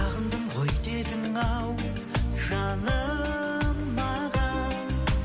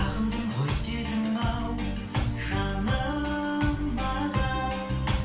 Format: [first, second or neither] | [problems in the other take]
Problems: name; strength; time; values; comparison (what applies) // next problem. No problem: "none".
first | room echo; dies away in 0.3 s